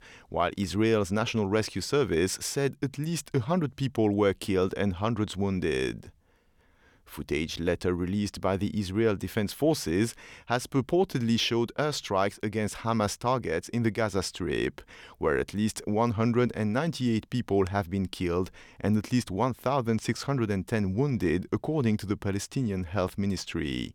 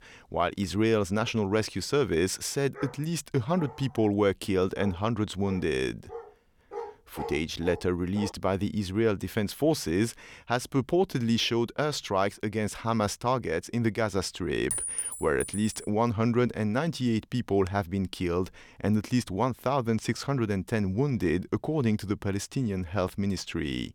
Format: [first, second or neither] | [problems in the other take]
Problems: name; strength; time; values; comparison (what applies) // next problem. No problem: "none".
first | dog barking; faint; from 2.5 to 8.5 s; peak 10 dB below the speech // clattering dishes; noticeable; from 15 to 16 s; peak level with the speech